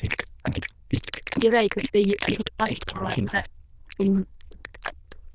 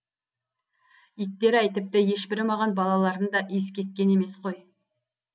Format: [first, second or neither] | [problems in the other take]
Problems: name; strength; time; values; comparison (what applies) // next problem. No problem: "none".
second | noise reduction (neural diffusion model UNIVERSE++)